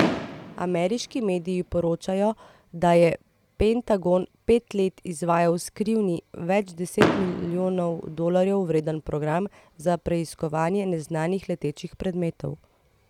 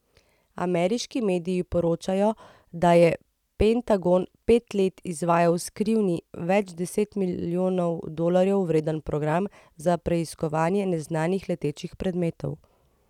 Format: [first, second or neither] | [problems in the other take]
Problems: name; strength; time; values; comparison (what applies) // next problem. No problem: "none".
second | background sound (Fireworks); 10 dB below the speech